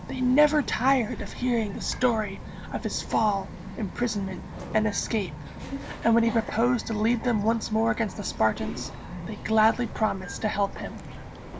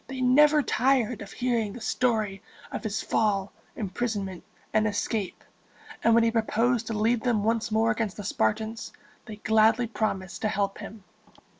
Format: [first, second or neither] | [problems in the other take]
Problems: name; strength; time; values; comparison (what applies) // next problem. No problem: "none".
second | background sound (Bird vocalization, bird call, bird song); 10 dB below the speech